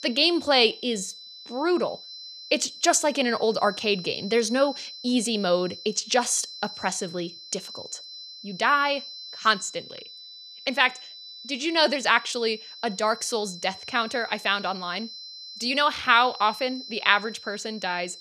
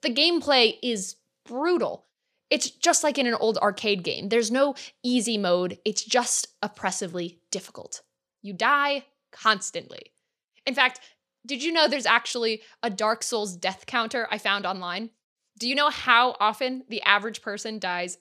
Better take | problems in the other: second | high-pitched whine; noticeable; throughout; 4 kHz, 15 dB below the speech

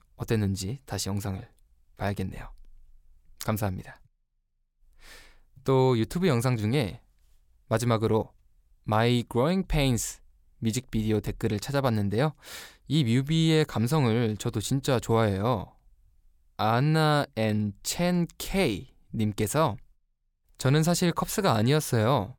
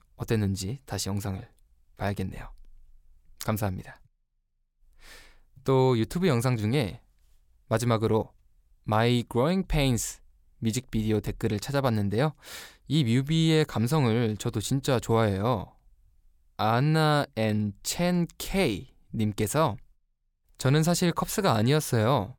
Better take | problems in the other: neither | none

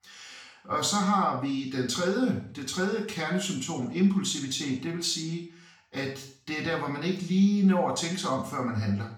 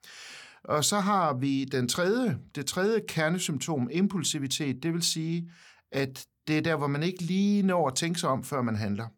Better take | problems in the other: second | room echo; noticeable; dies away in 0.5 s // off-mic speech; far

